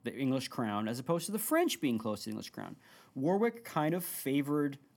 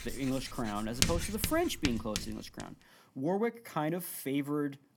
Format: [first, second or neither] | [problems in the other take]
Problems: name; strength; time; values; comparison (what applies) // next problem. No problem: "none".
first | household noises; loud; until 2 s; 1 dB below the speech